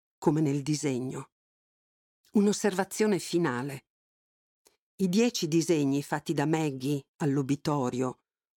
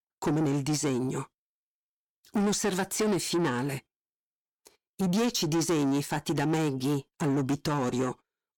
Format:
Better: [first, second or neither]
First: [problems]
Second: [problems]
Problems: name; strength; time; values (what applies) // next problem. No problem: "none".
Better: first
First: none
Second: distortion; heavy; 8 dB below the speech